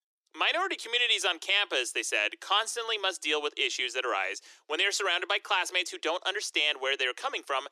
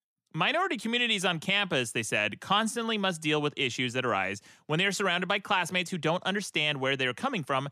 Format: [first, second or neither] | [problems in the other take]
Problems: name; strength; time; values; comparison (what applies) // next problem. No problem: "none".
second | thin; very; fading below 350 Hz